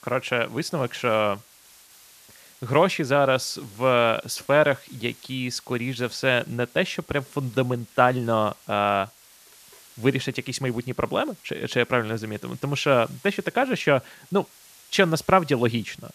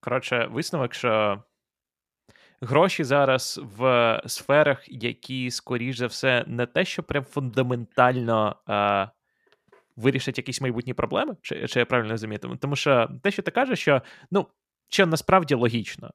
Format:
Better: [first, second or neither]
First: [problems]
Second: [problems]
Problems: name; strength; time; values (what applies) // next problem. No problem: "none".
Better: second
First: hiss; faint; throughout; 25 dB below the speech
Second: none